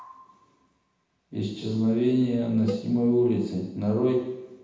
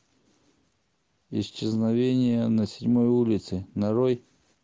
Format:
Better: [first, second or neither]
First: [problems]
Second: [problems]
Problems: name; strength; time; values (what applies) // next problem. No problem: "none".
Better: second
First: background sound (Cowbell); 15 dB below the speech // room echo; dies away in 0.9 s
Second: none